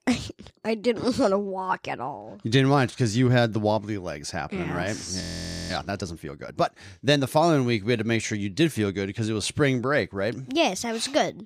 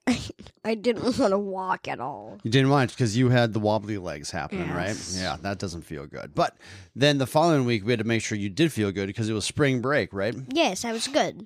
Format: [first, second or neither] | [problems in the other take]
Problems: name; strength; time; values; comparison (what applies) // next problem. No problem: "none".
second | audio freezing; at 5 s